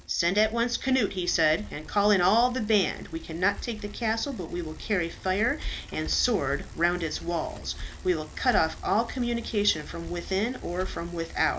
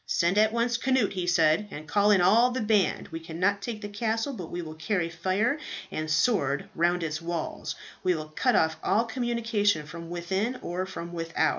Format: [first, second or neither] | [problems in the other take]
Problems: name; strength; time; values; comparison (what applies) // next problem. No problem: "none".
second | background sound (Bicycle); 12 dB below the speech